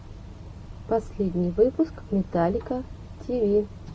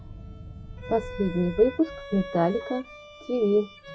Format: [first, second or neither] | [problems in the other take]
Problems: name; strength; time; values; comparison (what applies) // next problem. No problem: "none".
first | noise reduction (classical method log-MMSE)